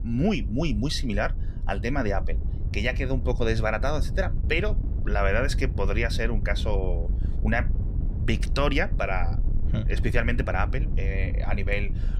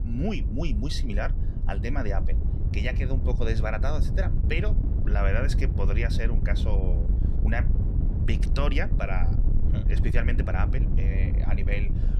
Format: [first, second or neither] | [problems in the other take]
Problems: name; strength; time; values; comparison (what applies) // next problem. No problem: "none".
first | wind noise on the microphone; heavy; 8 dB below the speech; occasional gusts in the first